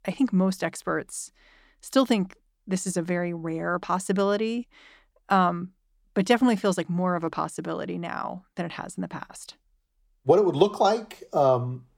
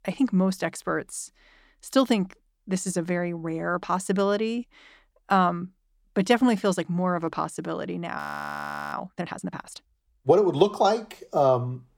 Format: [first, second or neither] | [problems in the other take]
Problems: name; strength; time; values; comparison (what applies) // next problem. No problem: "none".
first | audio freezing; at 8 s for 1 s